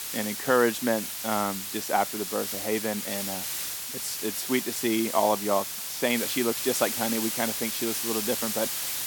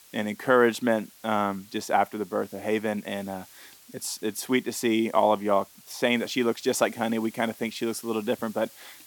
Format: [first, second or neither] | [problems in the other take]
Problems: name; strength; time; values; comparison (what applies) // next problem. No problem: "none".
second | hiss; loud; throughout; 2 dB below the speech; faint in the second